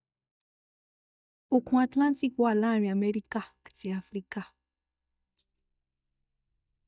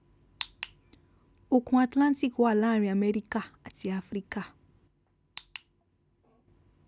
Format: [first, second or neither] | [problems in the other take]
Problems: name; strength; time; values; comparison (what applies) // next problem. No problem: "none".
second | noise reduction (neural mask model DeepFilterNet 3)